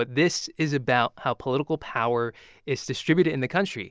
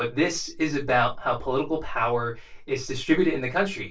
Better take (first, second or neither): first